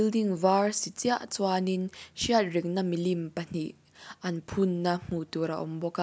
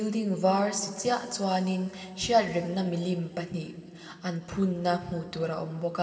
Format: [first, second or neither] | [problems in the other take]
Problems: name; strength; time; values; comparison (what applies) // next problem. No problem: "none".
first | room echo; dies away in 2.3 s